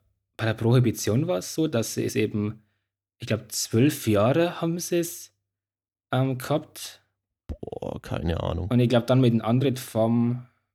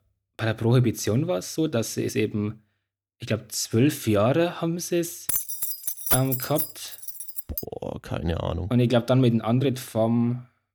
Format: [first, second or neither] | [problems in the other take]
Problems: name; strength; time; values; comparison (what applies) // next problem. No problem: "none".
first | jangling keys; loud; from 5.5 to 7.5 s; peak 2 dB above the speech